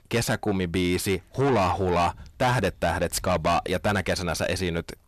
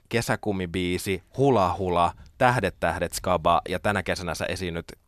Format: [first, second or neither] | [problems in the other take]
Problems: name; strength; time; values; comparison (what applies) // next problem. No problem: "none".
second | distortion; heavy; 7 dB below the speech